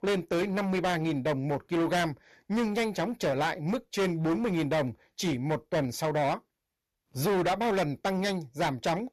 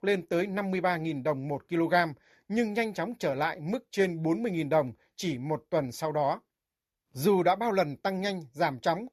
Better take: second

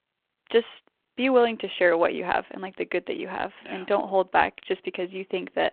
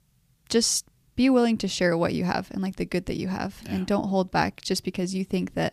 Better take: second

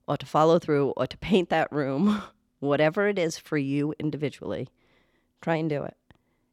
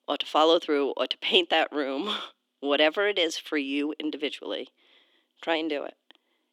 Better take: first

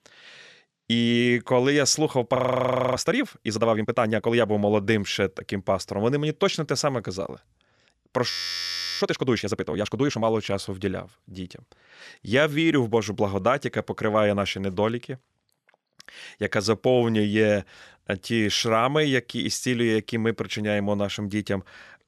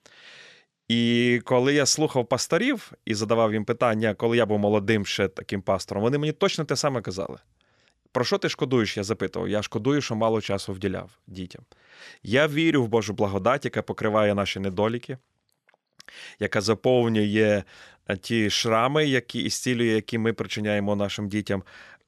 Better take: second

